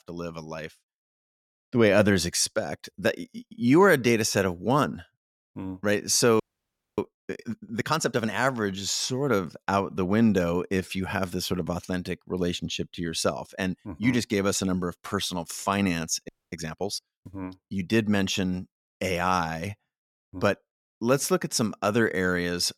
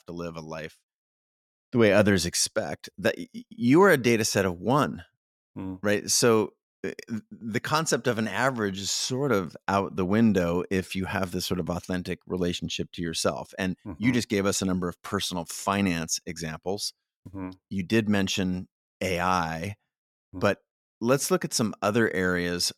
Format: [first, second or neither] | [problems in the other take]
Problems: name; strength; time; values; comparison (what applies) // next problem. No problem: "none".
second | audio freezing; at 6.5 s for 0.5 s and at 16 s